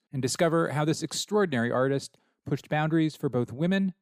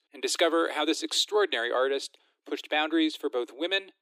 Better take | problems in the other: first | thin; very; fading below 300 Hz

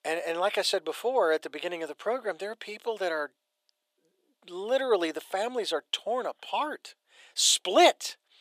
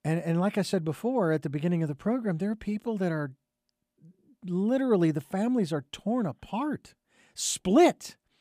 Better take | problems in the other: second | thin; very; fading below 450 Hz

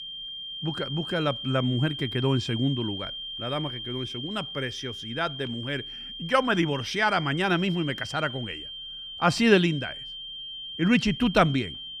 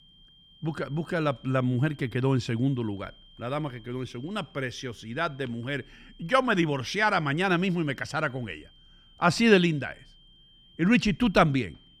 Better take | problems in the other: second | high-pitched whine; loud; throughout; 3 kHz, 8 dB below the speech; faint in the second

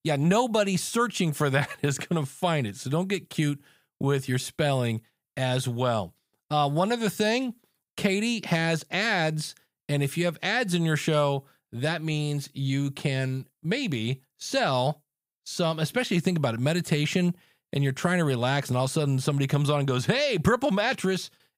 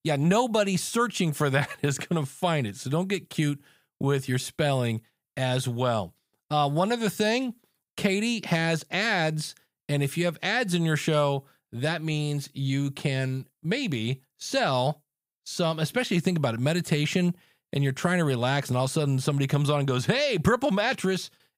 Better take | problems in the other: neither | none

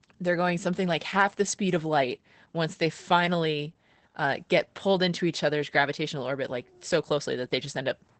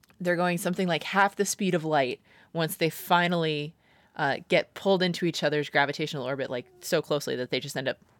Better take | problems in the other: second | garbled, watery; badly; nothing above 8 kHz

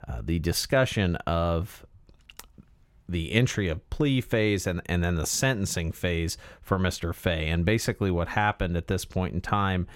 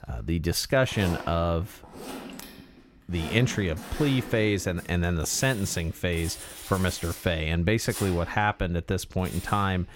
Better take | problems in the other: first | household noises; noticeable; throughout; 15 dB below the speech

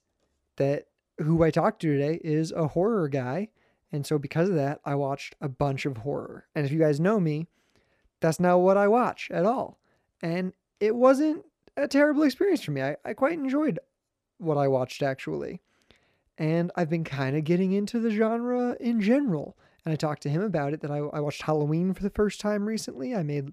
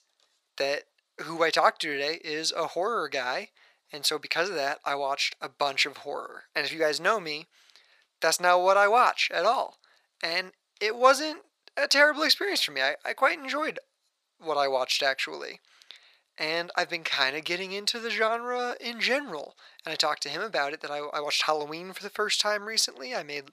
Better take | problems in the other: first | thin; very; fading below 1 kHz

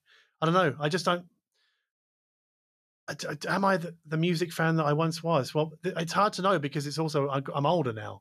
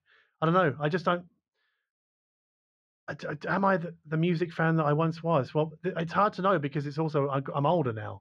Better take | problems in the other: first | muffled; slightly; fading above 2.5 kHz

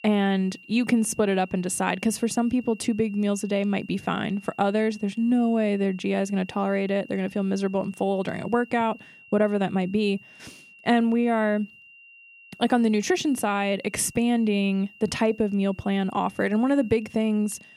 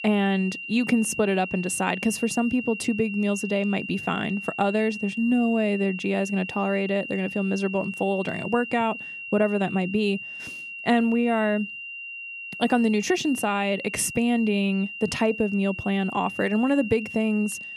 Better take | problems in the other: first | high-pitched whine; loud; throughout; 3 kHz, 9 dB below the speech; faint in the first

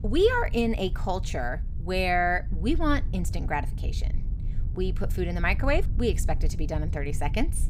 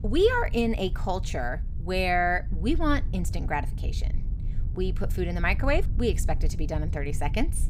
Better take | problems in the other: neither | low rumble; faint; throughout; 20 dB below the speech; the same in both

